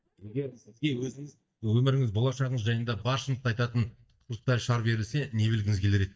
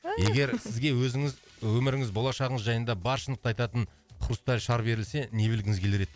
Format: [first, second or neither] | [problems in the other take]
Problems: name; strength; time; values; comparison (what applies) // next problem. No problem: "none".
second | noise reduction (neural mask model DeepFilterNet 3)